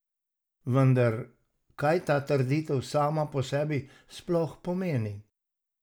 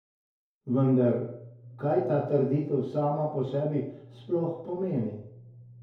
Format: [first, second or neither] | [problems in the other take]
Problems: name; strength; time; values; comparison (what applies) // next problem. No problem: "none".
first | room echo; dies away in 2.3 s